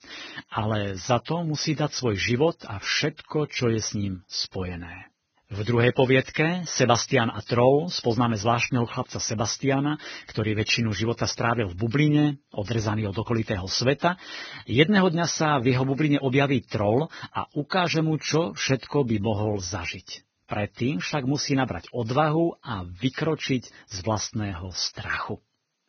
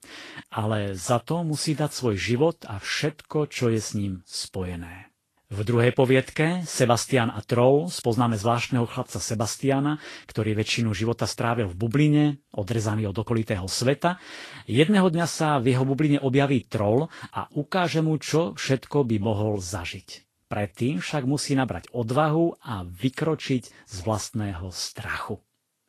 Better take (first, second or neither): second